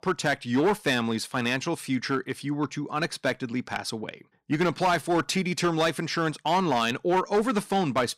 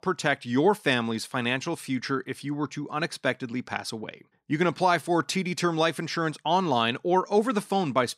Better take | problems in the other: second | distortion; slight; 5% of the sound clipped

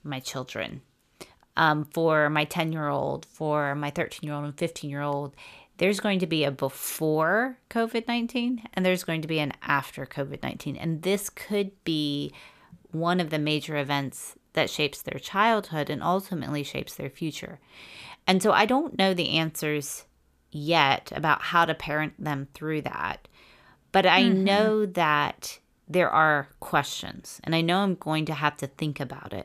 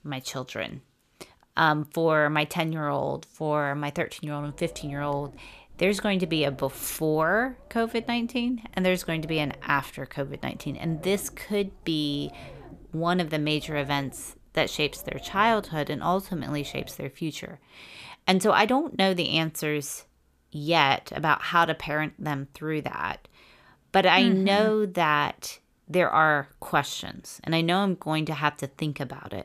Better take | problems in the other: first | low rumble; faint; from 4.5 to 17 s; 25 dB below the speech

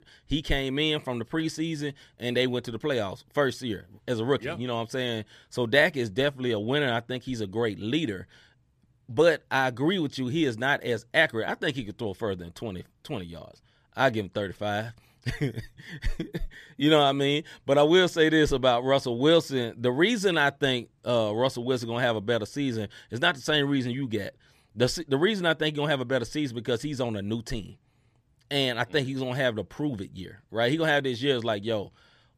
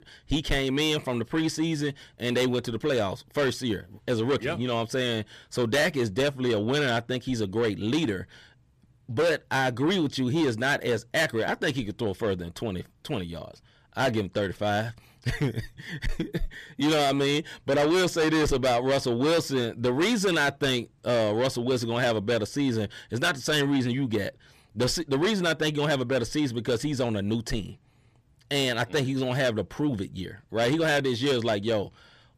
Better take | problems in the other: first | distortion; heavy; 7 dB below the speech

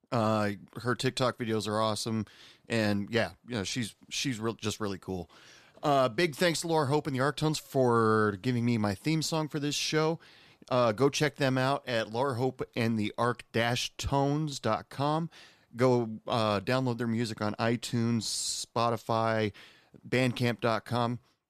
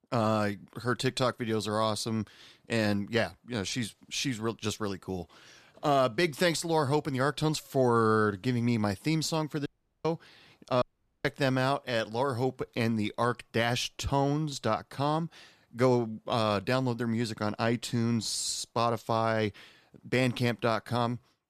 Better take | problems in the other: first | audio cutting out; at 9.5 s and at 11 s

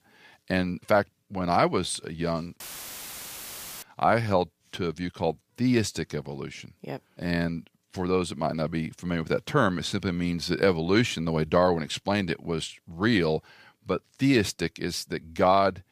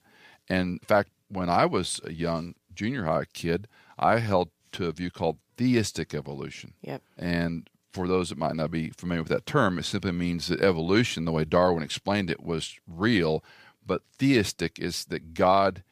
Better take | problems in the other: second | audio cutting out; filled with static; at 2.5 s for 1 s

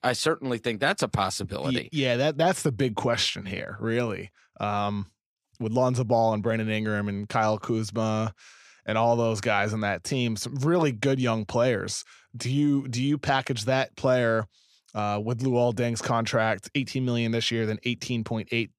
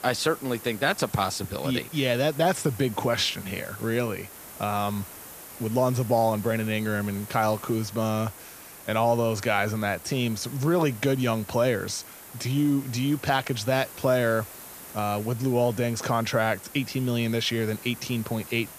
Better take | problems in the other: first | hiss; noticeable; throughout; 15 dB below the speech

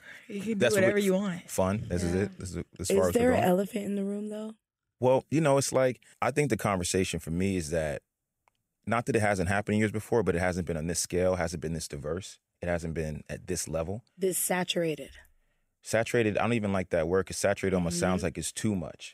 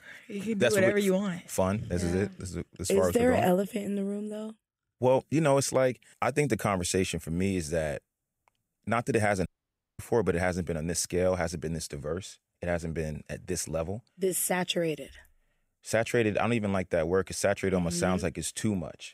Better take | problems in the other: first | audio cutting out; at 9.5 s for 0.5 s

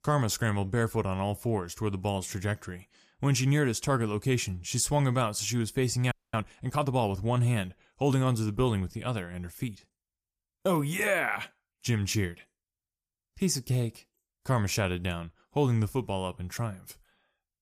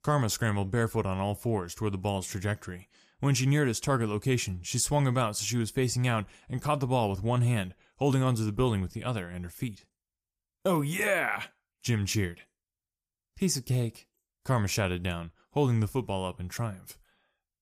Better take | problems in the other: second | audio freezing; at 6 s

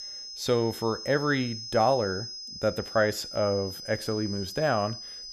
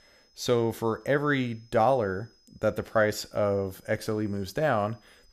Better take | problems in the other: second | high-pitched whine; loud; throughout; 5 kHz, 9 dB below the speech; faint in the second

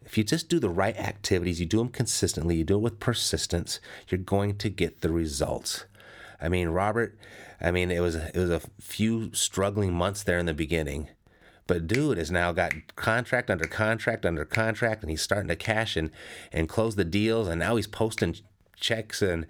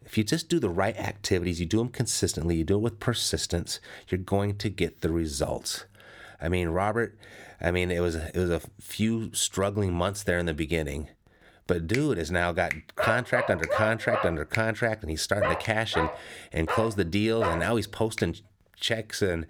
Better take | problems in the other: first | dog barking; noticeable; from 13 to 18 s; peak level with the speech

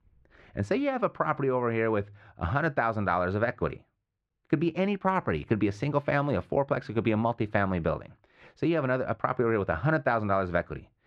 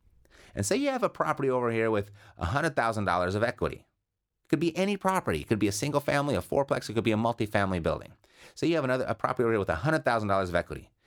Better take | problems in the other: second | muffled; very; fading above 2 kHz

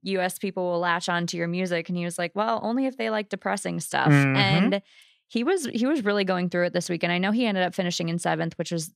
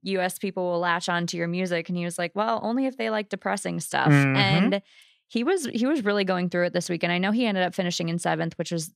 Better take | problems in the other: neither | none

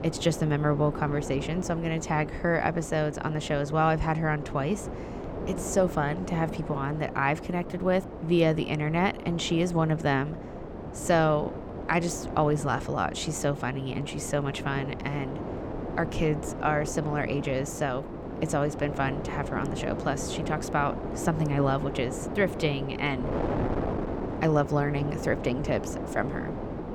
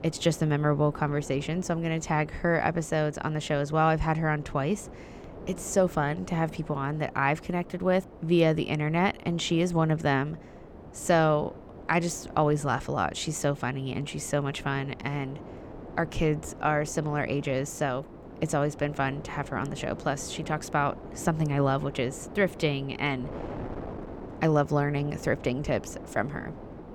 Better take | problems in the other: second | wind noise on the microphone; heavy; 9 dB below the speech; occasional gusts in the second

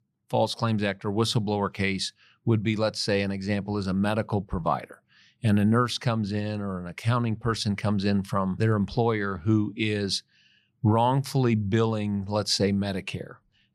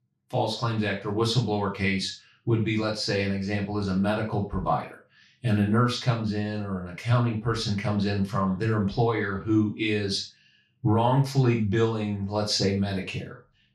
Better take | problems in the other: first | room echo; noticeable; dies away in 0.3 s // off-mic speech; far

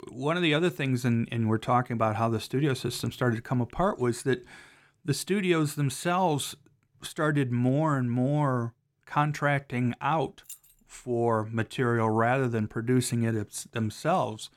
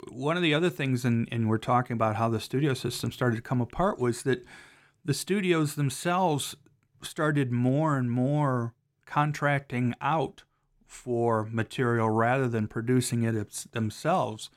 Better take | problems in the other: second | jangling keys; faint; at 10 s; peak 20 dB below the speech

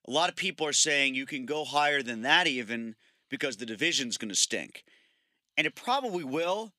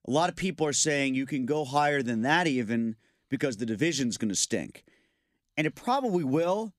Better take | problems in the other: second | thin; very slightly; fading below 1 kHz

